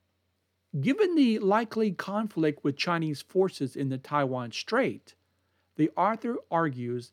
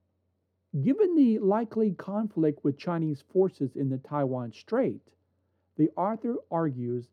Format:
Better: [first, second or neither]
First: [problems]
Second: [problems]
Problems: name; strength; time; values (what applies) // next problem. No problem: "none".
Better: first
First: none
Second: muffled; slightly; fading above 1 kHz